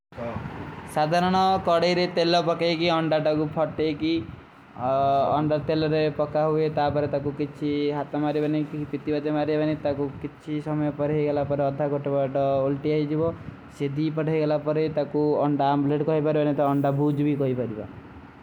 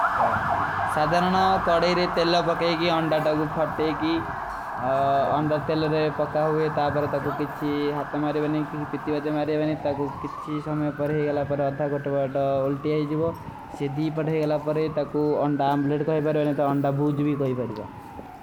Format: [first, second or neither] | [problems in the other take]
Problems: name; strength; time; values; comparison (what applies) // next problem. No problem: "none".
first | background sound (Motor vehicle (road) / Siren); 7 dB below the speech